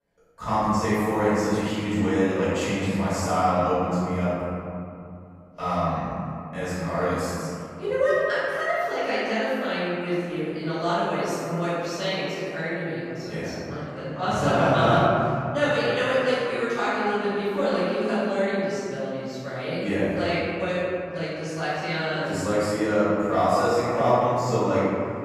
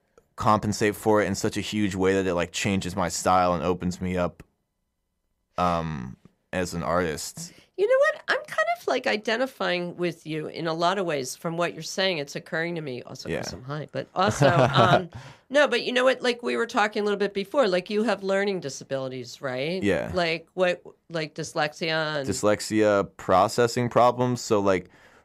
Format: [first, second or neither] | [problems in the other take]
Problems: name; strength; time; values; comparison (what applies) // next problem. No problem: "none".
second | room echo; strong; dies away in 2.6 s // off-mic speech; far